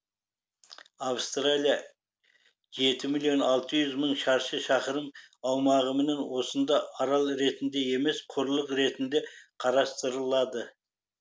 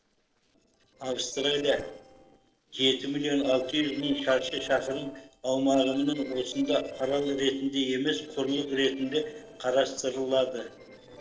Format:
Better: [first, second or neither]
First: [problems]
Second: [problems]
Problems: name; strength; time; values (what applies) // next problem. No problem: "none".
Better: first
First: none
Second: noise reduction (neural separator model SepFormer DNS4)